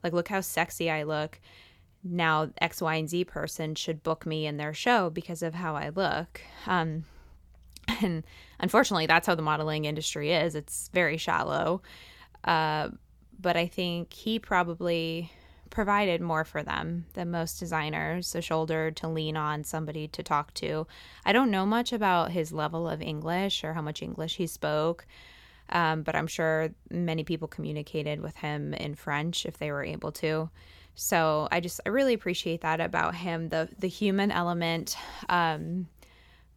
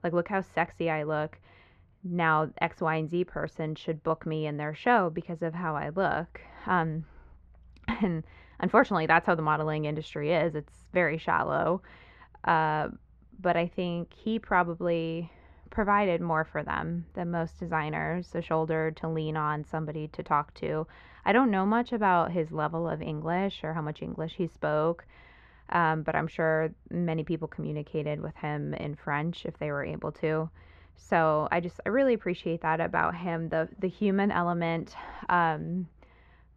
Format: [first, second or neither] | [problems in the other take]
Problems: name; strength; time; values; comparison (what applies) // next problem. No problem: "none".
first | muffled; very; fading above 1.5 kHz